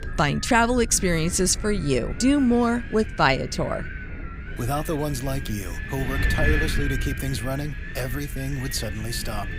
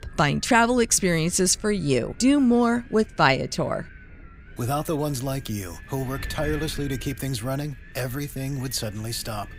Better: second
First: wind noise on the microphone; heavy; 8 dB below the speech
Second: wind noise on the microphone; occasional gusts; 20 dB below the speech

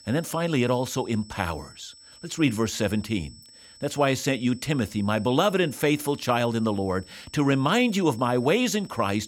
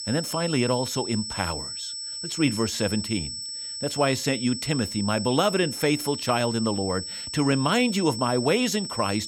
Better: first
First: high-pitched whine; faint; throughout; 5.5 kHz, 25 dB below the speech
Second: high-pitched whine; loud; throughout; 5.5 kHz, 6 dB below the speech

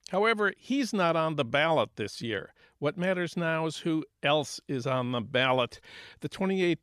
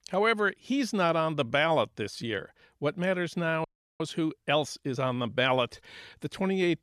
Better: first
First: none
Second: audio freezing; at 3.5 s

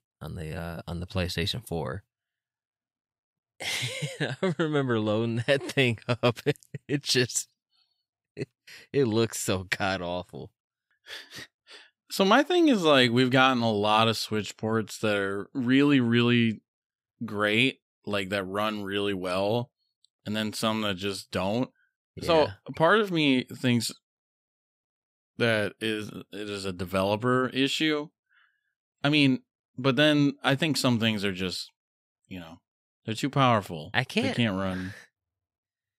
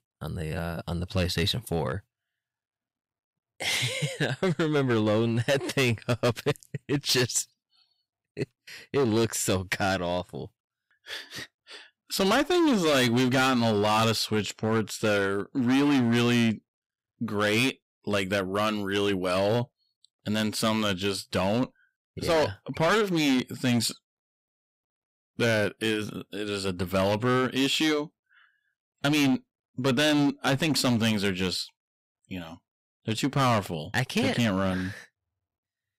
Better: first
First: none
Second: distortion; heavy; 9% of the sound clipped

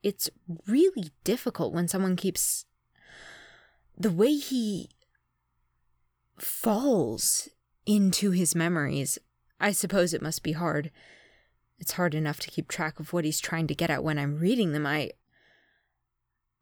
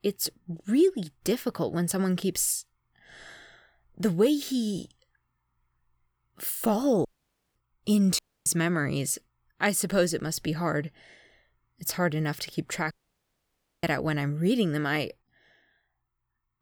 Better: first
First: none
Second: audio cutting out; at 7 s for 0.5 s, at 8 s and at 13 s for 1 s

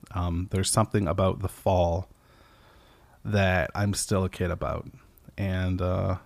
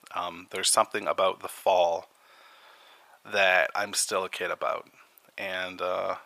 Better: first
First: none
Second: thin; very; fading below 700 Hz

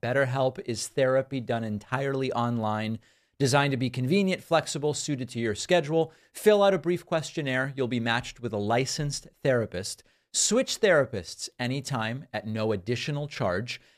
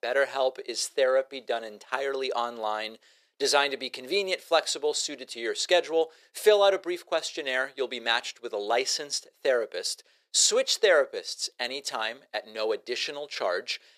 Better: first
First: none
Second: thin; very; fading below 400 Hz

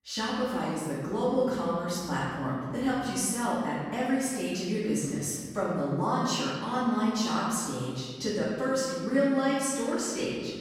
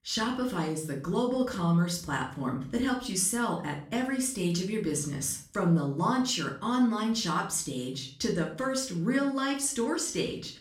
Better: second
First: room echo; strong; dies away in 1.7 s // off-mic speech; far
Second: room echo; slight; dies away in 0.4 s // off-mic speech; far

